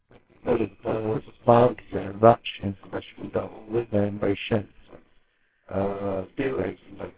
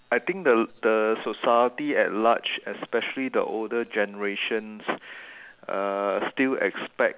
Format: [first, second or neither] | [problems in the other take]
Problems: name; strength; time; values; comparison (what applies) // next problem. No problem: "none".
second | noise reduction (neural separator model SepFormer WHAMR!)